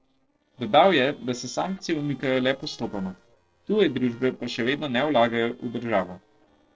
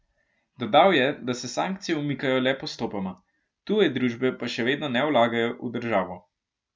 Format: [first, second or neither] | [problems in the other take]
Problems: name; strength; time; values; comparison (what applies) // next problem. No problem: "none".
second | noise reduction (neural separator model SepFormer DNS4)